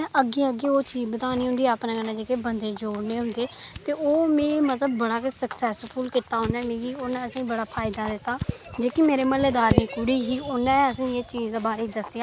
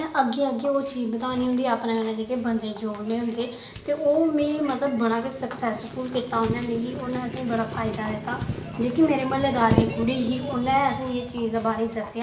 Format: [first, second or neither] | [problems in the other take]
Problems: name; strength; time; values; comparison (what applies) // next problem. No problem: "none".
first | background sound (Motorcycle); 14 dB below the speech // room echo; dies away in 0.6 s